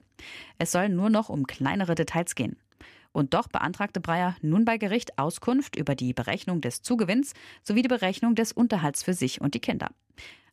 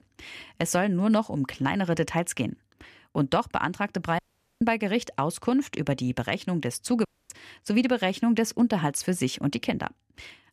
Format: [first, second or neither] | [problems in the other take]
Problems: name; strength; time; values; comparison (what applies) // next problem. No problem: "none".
first | audio cutting out; at 4 s and at 7 s